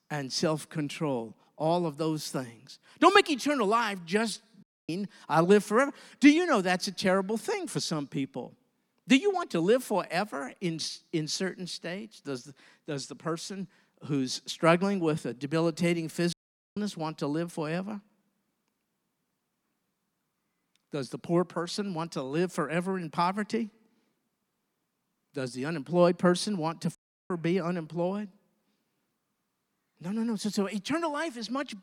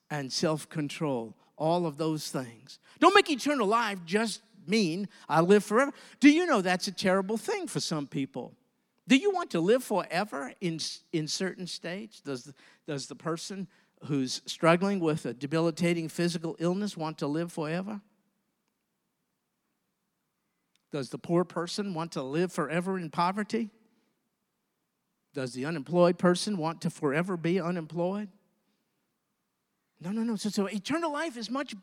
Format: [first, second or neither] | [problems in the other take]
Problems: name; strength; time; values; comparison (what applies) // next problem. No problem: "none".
second | audio cutting out; at 4.5 s, at 16 s and at 27 s